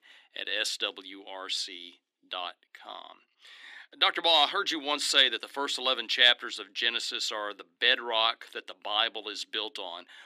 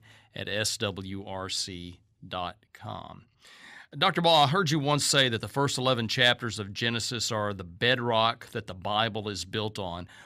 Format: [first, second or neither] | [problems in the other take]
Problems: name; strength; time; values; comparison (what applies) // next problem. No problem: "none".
second | thin; somewhat; fading below 300 Hz